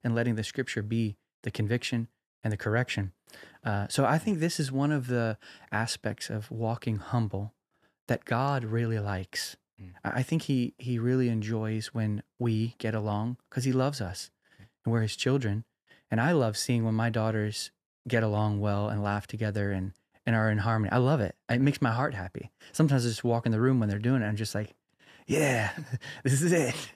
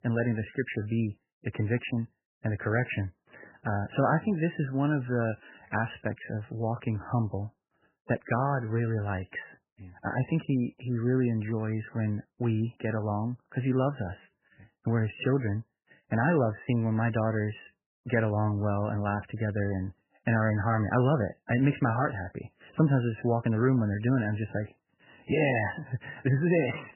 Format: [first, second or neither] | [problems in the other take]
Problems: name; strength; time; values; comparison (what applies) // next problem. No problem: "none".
first | garbled, watery; badly; nothing above 3 kHz